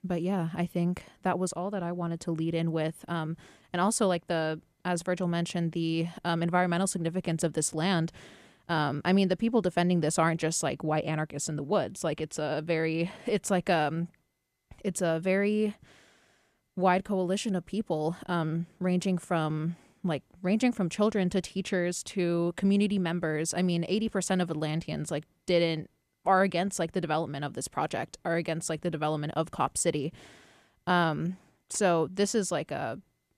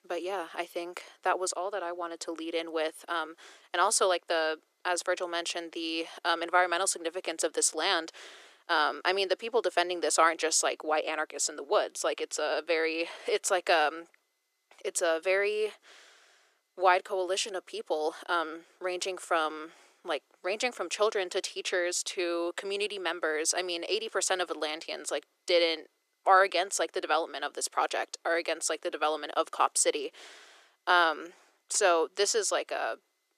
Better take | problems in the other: first | thin; very; fading below 350 Hz

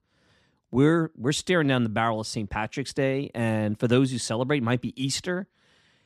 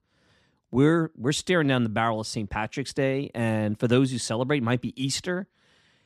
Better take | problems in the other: neither | none

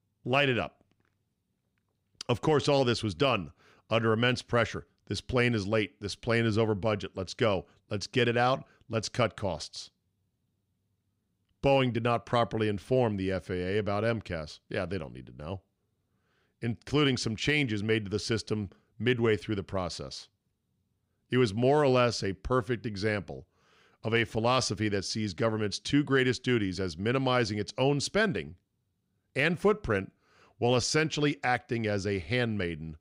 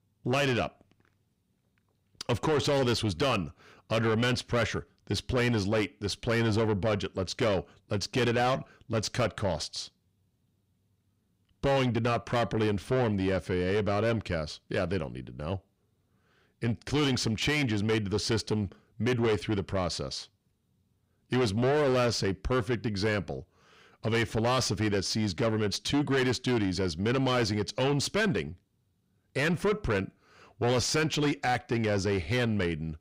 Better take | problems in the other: first | distortion; heavy; 7 dB below the speech

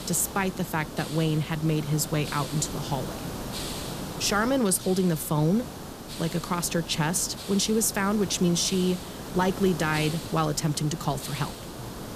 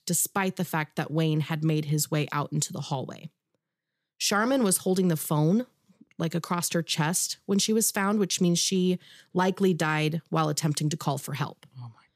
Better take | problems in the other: second | hiss; noticeable; throughout; 10 dB below the speech

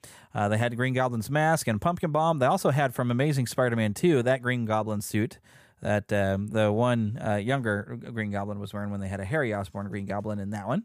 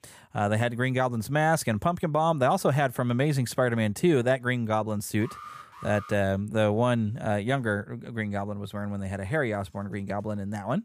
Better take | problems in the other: first | alarm; faint; at 5 s; peak 15 dB below the speech

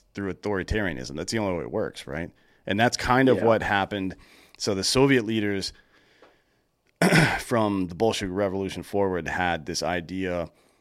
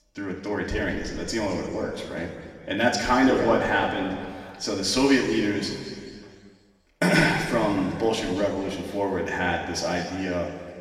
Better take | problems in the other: first | room echo; noticeable; dies away in 2.1 s // off-mic speech; far

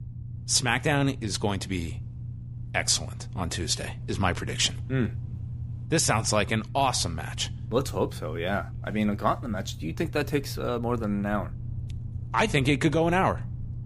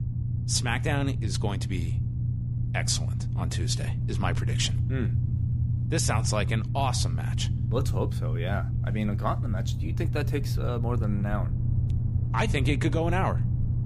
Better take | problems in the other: first | low rumble; loud; throughout; 9 dB below the speech; faint in the first

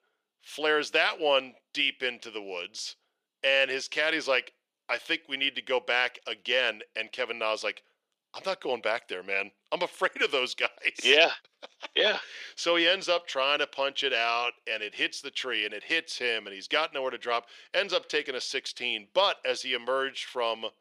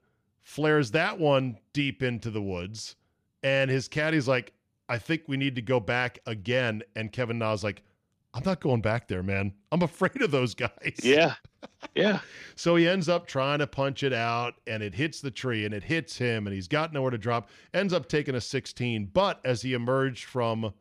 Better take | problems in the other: second | thin; very; fading below 450 Hz

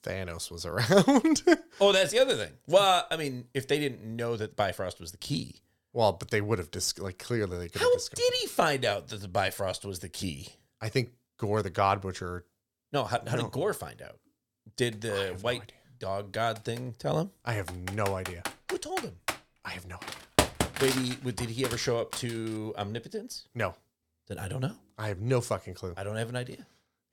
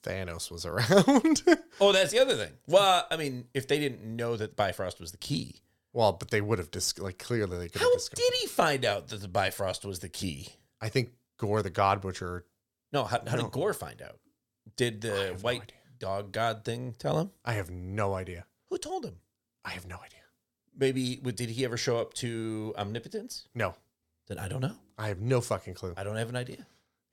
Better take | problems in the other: second | keyboard typing; loud; from 18 to 22 s; peak 3 dB above the speech

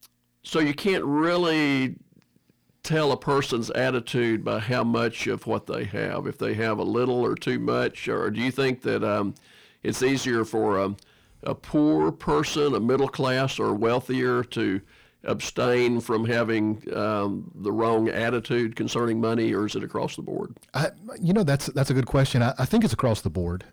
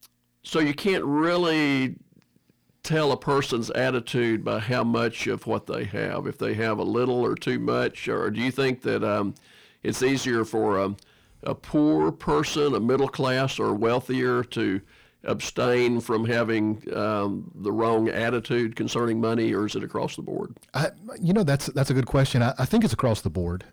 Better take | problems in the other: neither | distortion; slight; 10 dB below the speech; the same in both

